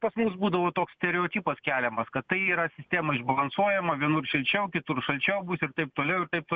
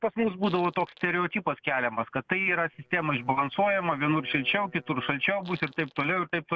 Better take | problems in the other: first | noise reduction (neural separator model SepFormer DNS4)

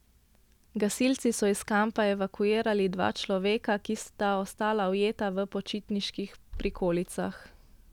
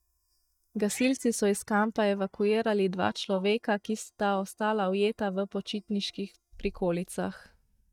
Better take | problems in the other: first | noise reduction (neural mask model DeepFilterNet 3)

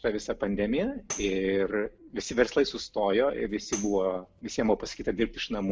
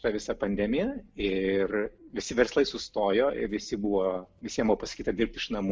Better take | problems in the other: second | background sound (Tambourine); 15 dB below the speech

